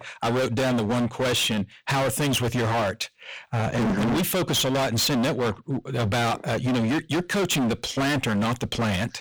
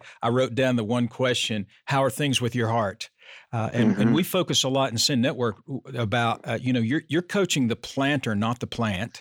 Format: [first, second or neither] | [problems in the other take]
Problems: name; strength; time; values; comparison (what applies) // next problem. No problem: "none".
second | distortion; heavy; 35% of the sound clipped